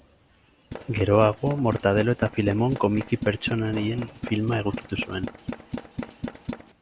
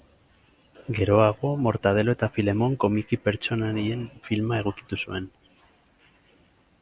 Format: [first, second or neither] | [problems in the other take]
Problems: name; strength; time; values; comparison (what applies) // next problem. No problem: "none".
second | background sound (Tools); 10 dB below the speech